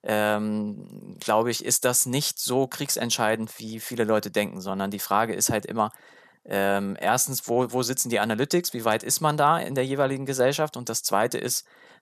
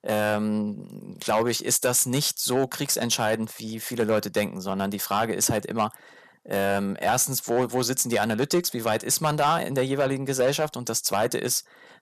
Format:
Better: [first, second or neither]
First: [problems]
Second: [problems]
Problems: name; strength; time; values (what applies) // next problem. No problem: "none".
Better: first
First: none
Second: distortion; slight; 4% of the sound clipped